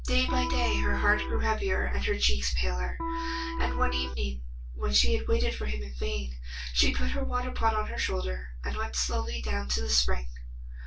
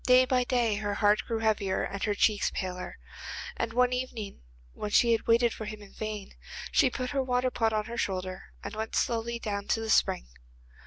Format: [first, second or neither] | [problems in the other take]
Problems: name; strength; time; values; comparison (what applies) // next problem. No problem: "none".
second | background sound (Electric guitar); 8 dB below the speech // room echo; dies away in 0.1 s